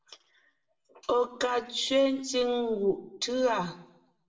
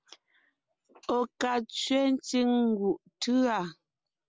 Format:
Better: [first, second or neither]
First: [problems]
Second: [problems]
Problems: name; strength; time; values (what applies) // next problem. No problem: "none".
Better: second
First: room echo; dies away in 0.6 s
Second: none